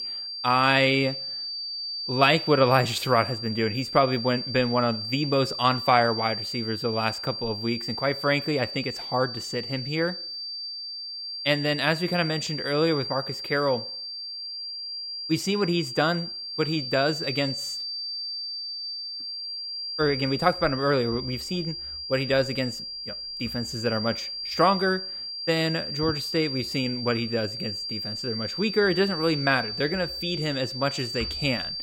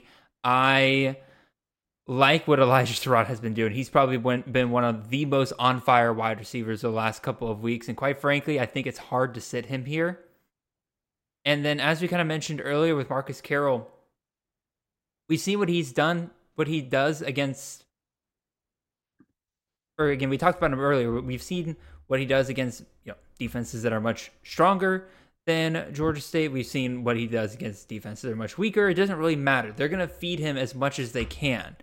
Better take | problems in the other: second | high-pitched whine; loud; throughout; 4.5 kHz, 6 dB below the speech

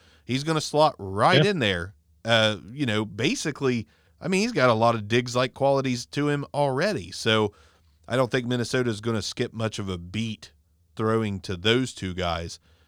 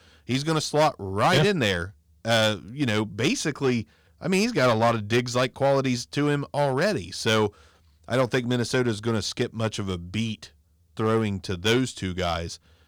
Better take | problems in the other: first | distortion; slight; 4% of the sound clipped

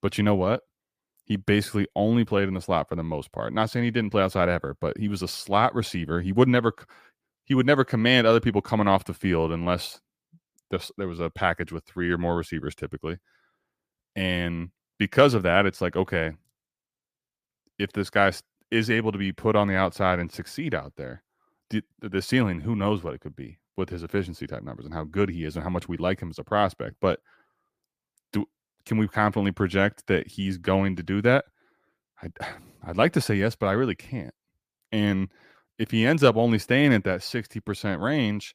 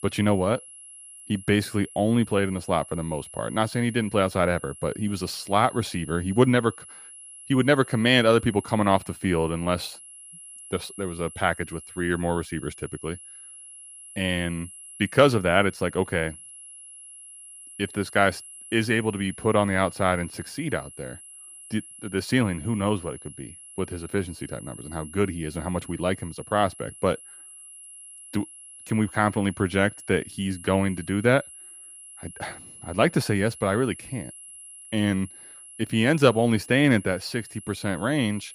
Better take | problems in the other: first | high-pitched whine; noticeable; throughout; 11 kHz, 15 dB below the speech

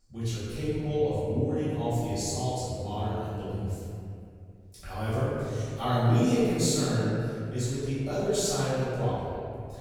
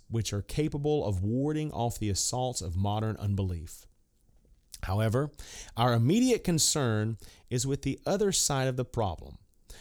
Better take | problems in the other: second | room echo; strong; dies away in 2.3 s // off-mic speech; far

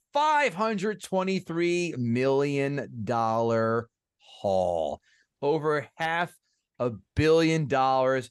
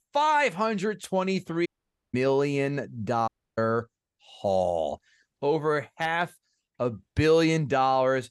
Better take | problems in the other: first | audio cutting out; at 1.5 s and at 3.5 s

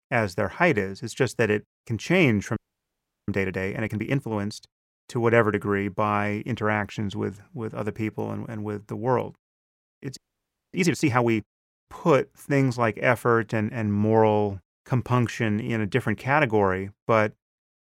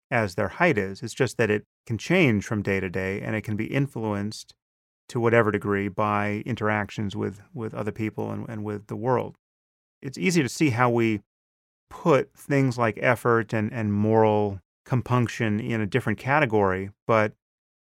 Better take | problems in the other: second | audio freezing; at 2.5 s for 0.5 s and at 10 s for 0.5 s

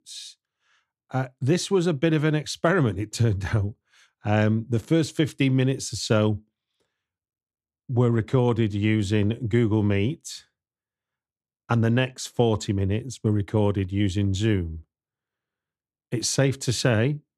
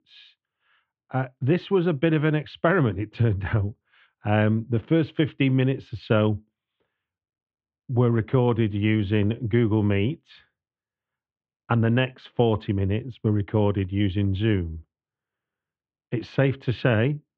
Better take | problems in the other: first | muffled; very; fading above 3 kHz

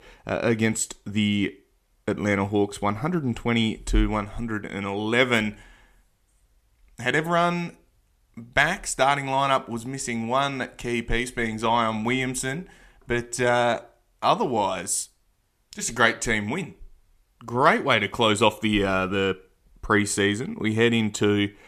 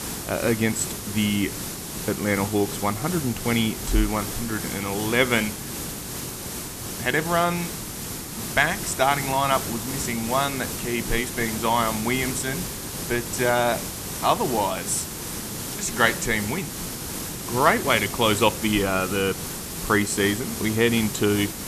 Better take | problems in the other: first | hiss; loud; throughout; 6 dB below the speech

